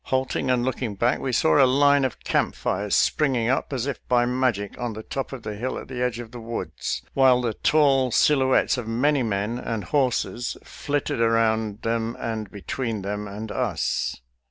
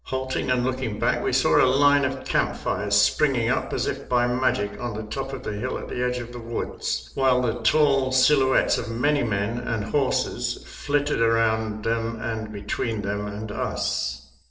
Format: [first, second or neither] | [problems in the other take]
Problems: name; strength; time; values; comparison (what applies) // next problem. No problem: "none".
first | noise reduction (neural separator model SepFormer DNS4)